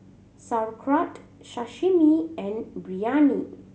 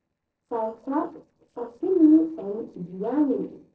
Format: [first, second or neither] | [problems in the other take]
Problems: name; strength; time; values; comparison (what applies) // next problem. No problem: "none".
first | noise reduction (neural separator model SepFormer DNS4)